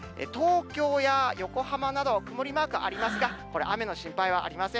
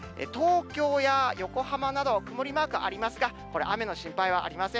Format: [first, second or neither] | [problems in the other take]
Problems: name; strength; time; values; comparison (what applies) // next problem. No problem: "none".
second | background sound (Breathing); 12 dB below the speech